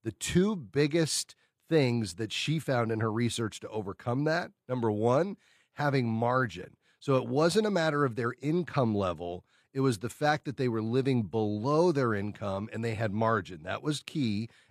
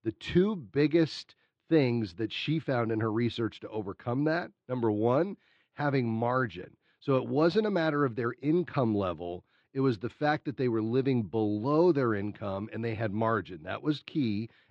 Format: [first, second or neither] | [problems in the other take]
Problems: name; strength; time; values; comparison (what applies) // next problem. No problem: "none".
first | muffled; very slightly; fading above 4 kHz